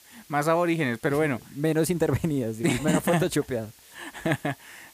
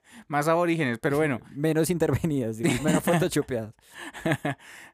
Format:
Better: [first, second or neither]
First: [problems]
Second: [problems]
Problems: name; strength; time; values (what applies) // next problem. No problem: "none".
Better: second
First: hiss; faint; throughout; 25 dB below the speech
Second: none